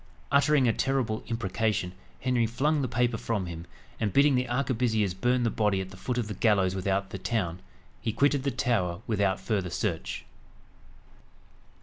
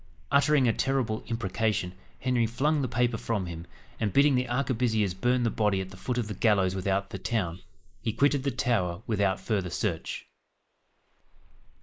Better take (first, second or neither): first